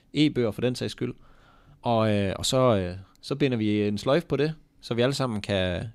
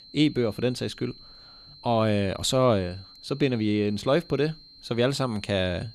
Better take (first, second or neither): first